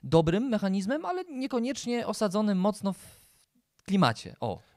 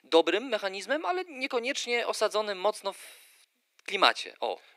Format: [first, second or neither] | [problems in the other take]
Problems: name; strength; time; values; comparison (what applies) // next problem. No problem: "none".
first | thin; very; fading below 300 Hz